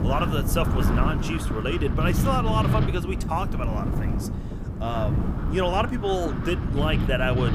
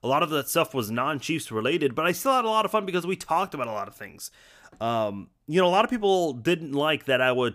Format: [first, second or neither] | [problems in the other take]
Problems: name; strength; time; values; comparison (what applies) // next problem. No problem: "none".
second | wind noise on the microphone; heavy; 7 dB below the speech